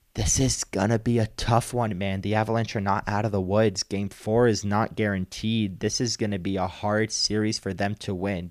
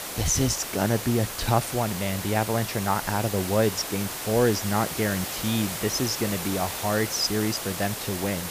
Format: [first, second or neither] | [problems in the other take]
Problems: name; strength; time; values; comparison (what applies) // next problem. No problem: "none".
first | hiss; loud; throughout; 5 dB below the speech